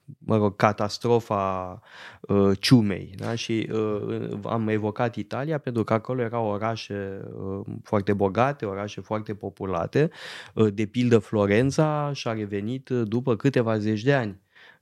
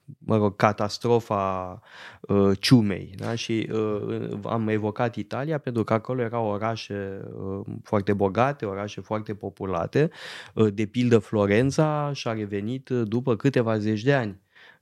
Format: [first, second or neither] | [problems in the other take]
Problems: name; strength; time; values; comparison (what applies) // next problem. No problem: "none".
neither | none